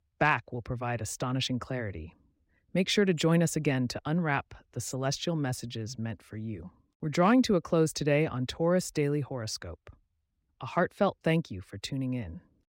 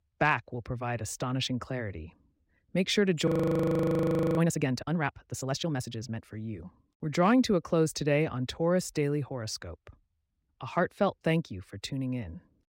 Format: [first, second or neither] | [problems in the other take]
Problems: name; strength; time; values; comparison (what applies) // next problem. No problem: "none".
first | audio freezing; at 3.5 s for 1 s